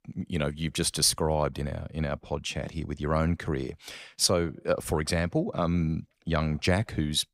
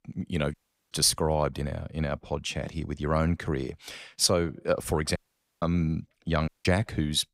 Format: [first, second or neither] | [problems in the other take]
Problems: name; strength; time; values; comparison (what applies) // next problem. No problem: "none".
first | audio cutting out; at 0.5 s, at 5 s and at 6.5 s